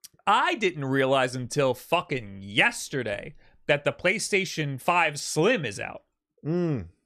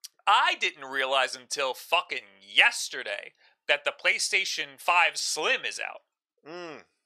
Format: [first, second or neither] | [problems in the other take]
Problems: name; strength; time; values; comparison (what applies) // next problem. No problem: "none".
first | thin; very; fading below 850 Hz